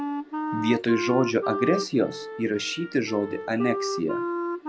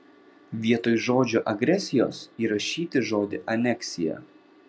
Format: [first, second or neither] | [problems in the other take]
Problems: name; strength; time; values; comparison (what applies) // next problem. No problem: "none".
second | background sound (Wind instrument, woodwind instrument); 4 dB below the speech